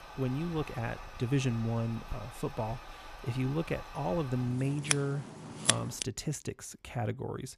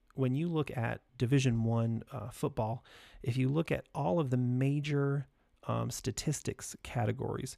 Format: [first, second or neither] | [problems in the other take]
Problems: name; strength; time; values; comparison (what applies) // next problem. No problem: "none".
second | household noises; loud; until 6 s; 4 dB below the speech